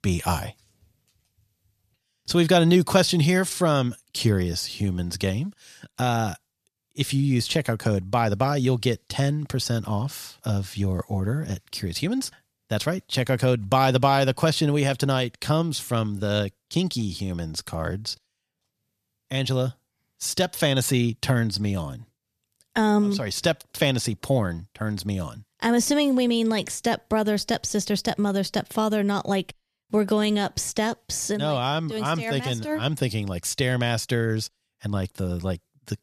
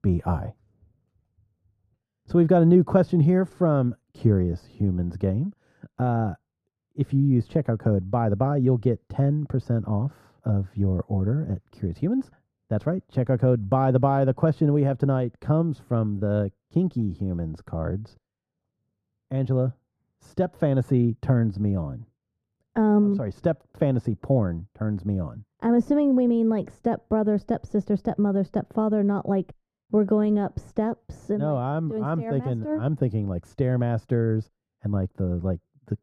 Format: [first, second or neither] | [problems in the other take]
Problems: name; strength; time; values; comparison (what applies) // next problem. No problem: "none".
first | muffled; very; fading above 1.5 kHz